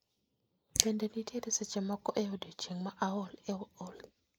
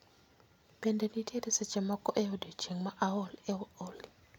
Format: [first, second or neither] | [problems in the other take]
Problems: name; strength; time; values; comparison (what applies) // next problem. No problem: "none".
second | noise reduction (neural mask model Resemble Enhance denoiser)